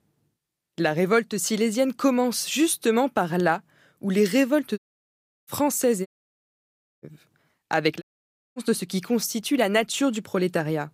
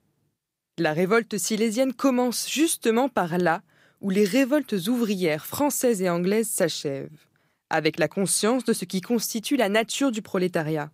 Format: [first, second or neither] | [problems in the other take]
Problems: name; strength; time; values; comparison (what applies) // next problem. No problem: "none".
second | audio cutting out; at 5 s for 0.5 s, at 6 s for 1 s and at 8 s for 0.5 s